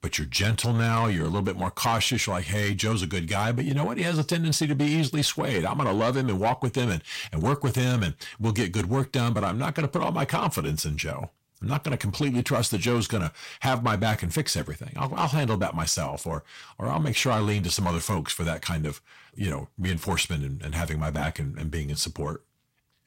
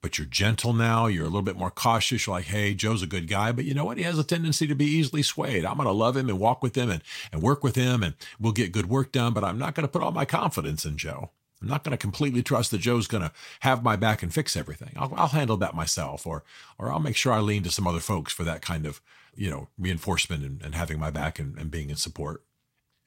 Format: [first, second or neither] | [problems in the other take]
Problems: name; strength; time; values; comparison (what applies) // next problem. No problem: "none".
second | distortion; slight; 10 dB below the speech